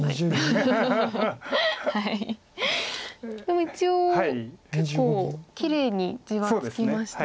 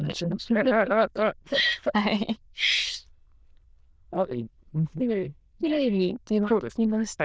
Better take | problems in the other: first | noise reduction (neural diffusion model UNIVERSE++)

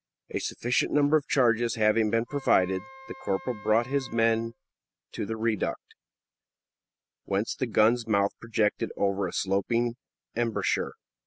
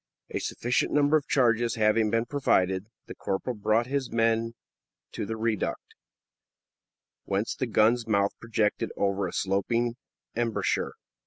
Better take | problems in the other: second | background sound (Wind instrument, woodwind instrument); 19 dB below the speech

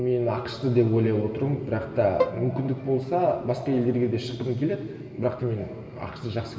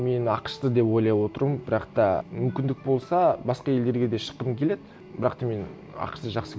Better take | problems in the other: second | background sound (Bowed string instrument); 7 dB below the speech // room echo; dies away in 2.1 s

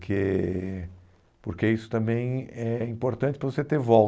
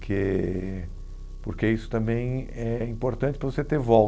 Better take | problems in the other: first | background sound (Engine); 11 dB below the speech

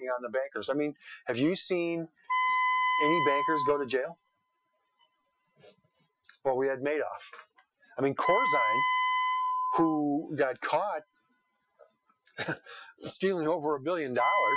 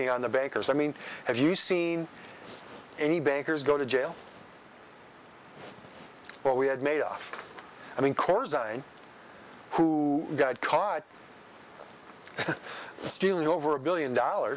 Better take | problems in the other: second | noise reduction (classical method Wiener filter)

